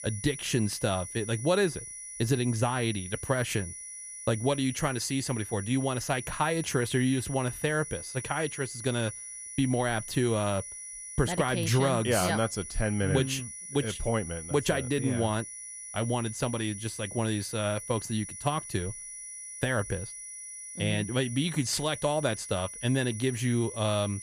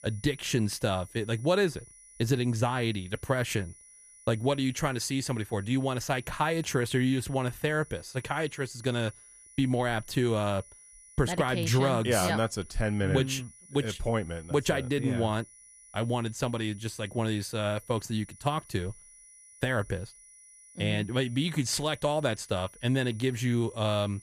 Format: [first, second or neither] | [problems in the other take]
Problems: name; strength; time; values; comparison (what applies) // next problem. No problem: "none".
second | high-pitched whine; loud; throughout; 10 kHz, 9 dB below the speech; faint in the second